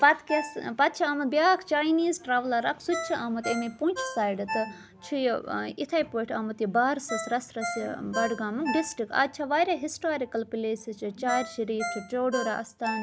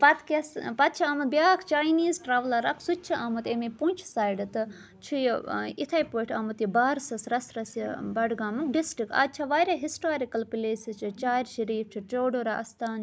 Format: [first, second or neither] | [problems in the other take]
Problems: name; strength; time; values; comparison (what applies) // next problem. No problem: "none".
second | background sound (Ringtone); 11 dB below the speech